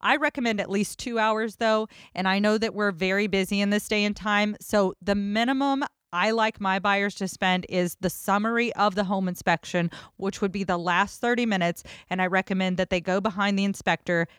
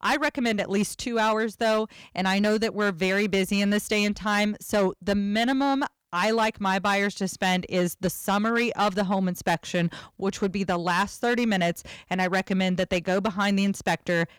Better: first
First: none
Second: distortion; slight; 7% of the sound clipped

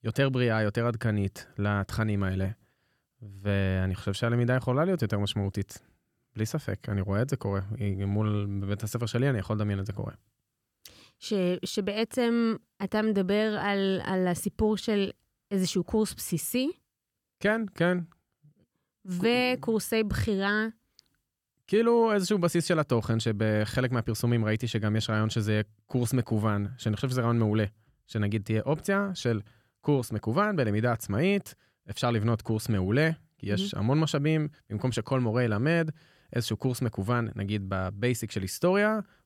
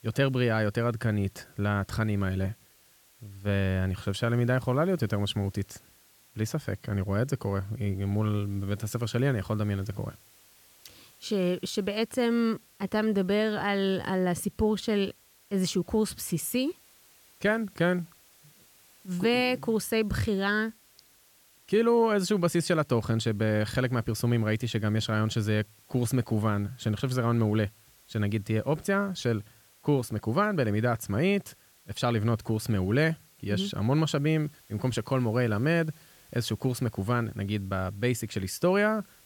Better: first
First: none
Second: hiss; faint; throughout; 30 dB below the speech

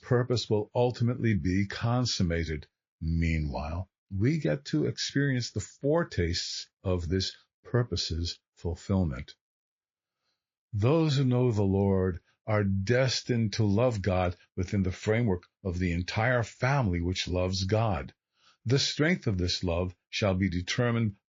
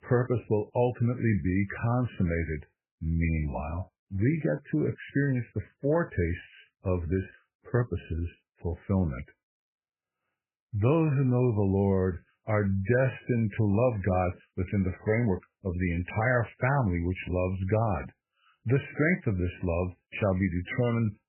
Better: first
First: garbled, watery; slightly; nothing above 6 kHz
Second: garbled, watery; badly; nothing above 2.5 kHz

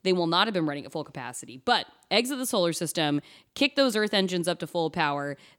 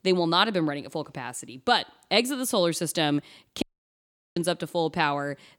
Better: first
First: none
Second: audio cutting out; at 3.5 s for 0.5 s

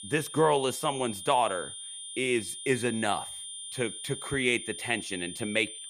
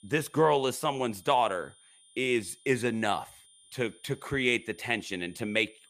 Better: second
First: high-pitched whine; loud; throughout; 9.5 kHz, 9 dB below the speech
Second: high-pitched whine; faint; throughout; 9.5 kHz, 25 dB below the speech

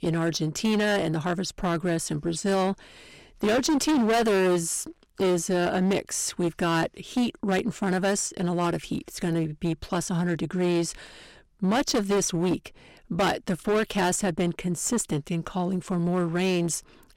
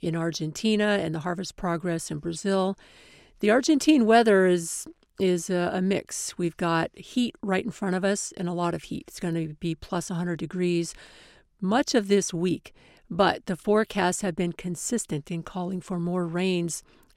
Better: second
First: distortion; heavy; 15% of the sound clipped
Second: none

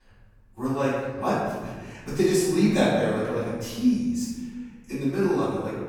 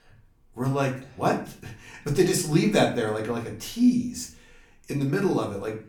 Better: second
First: room echo; strong; dies away in 1.3 s // off-mic speech; far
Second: room echo; slight; dies away in 0.4 s // off-mic speech; far

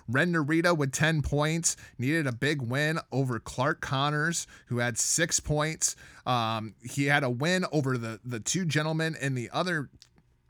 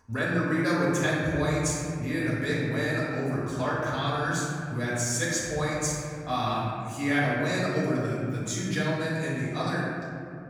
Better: first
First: none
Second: room echo; strong; dies away in 2.3 s // off-mic speech; far

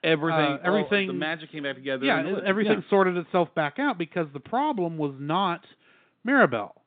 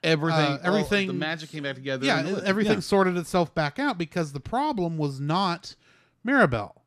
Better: second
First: phone-call audio; nothing above 3.5 kHz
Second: none

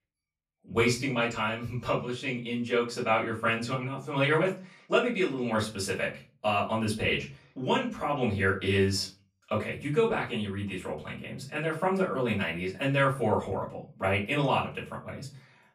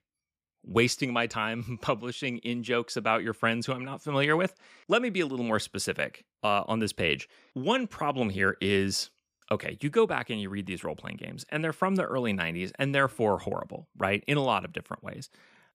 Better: second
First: off-mic speech; far // room echo; slight; dies away in 0.3 s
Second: none

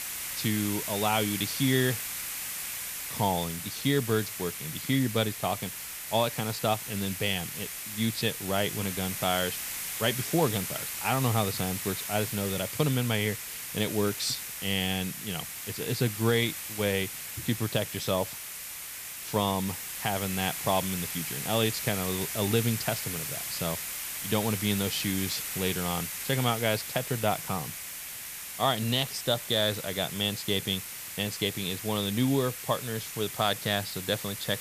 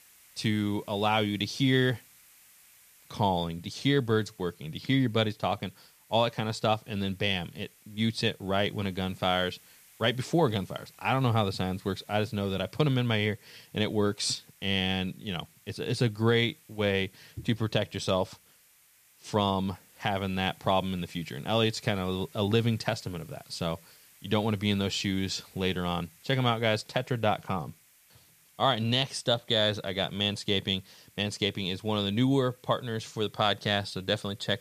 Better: second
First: hiss; loud; throughout; 4 dB below the speech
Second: hiss; faint; throughout; 25 dB below the speech

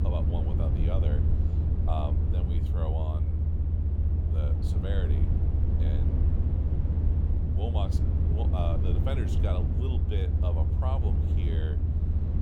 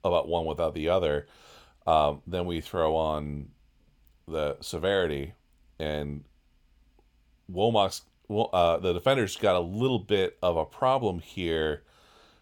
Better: second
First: low rumble; loud; throughout; 1 dB below the speech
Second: none

